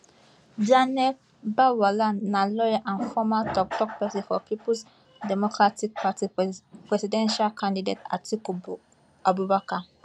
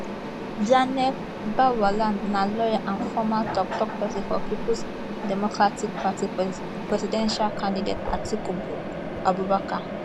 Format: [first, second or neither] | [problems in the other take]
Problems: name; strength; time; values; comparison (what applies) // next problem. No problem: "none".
first | background sound (Mechanisms); 5 dB below the speech